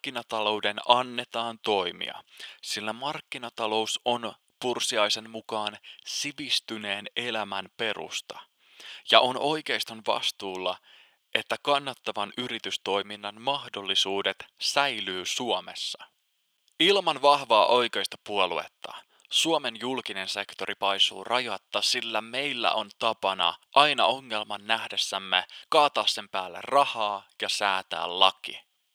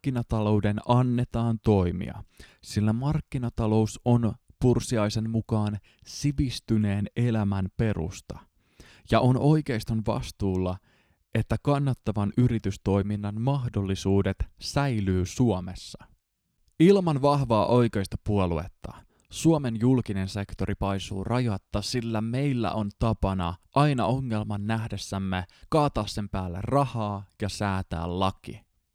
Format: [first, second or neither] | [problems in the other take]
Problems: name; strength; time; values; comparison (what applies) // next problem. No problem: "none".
second | thin; very; fading below 700 Hz